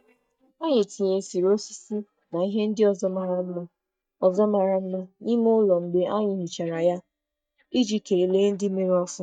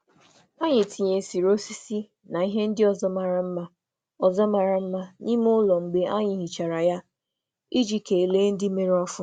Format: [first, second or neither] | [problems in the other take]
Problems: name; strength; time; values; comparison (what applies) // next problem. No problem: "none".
second | noise reduction (neural mask model DeepFilterNet 3)